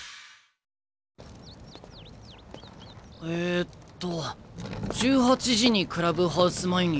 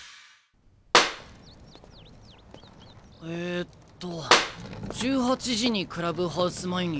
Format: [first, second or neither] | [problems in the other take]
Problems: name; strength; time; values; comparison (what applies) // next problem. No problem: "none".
first | background sound (Clapping); 1 dB above the speech